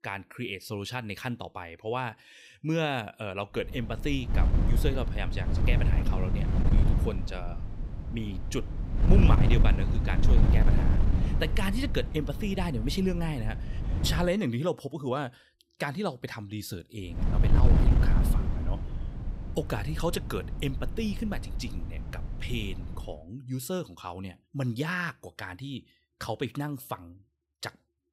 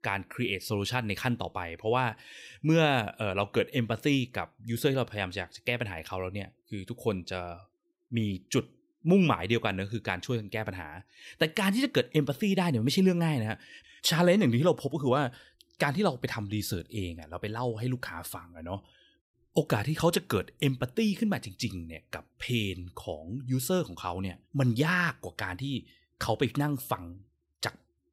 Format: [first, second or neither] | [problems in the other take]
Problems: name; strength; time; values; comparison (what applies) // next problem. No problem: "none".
second | wind noise on the microphone; heavy; from 3.5 to 14 s and from 17 to 23 s; 6 dB below the speech